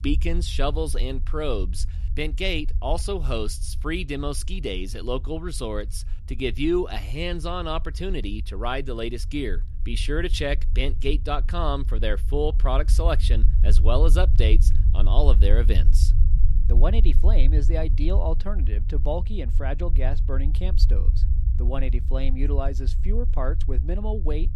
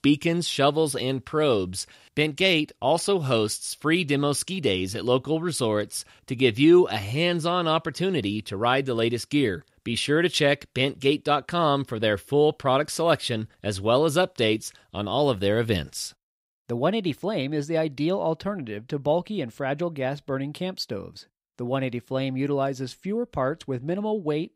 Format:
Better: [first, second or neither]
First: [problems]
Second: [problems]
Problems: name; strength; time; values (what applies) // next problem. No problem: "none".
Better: second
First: low rumble; noticeable; throughout; 15 dB below the speech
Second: none